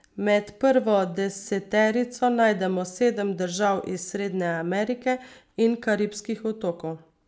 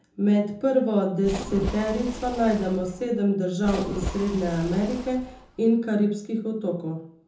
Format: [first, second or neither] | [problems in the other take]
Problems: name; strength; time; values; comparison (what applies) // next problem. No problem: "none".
first | background sound (Splash, splatter); 10 dB below the speech // room echo; dies away in 0.5 s